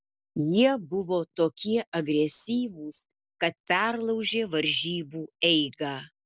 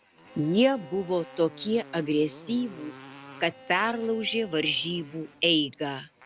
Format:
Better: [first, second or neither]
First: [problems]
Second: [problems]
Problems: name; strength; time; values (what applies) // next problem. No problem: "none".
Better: first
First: none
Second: background sound (Motorcycle + Bowed string instrument); 19 dB below the speech